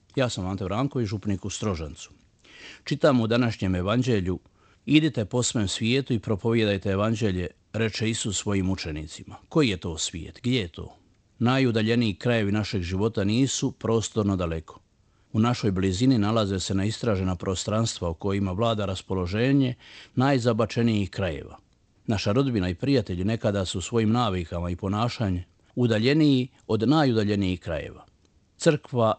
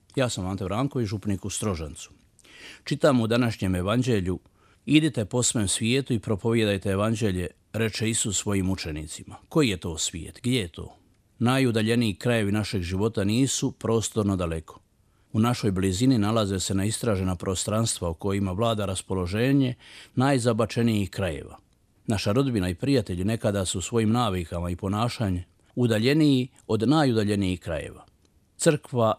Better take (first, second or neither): second